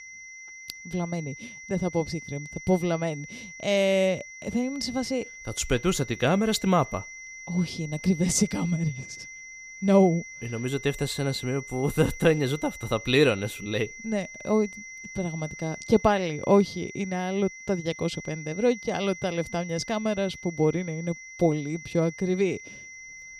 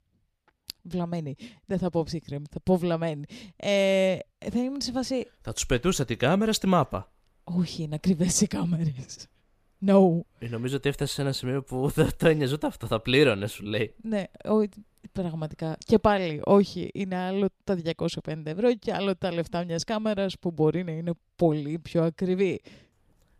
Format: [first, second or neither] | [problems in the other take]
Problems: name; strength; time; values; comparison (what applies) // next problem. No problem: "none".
second | high-pitched whine; noticeable; throughout; 2 kHz, 15 dB below the speech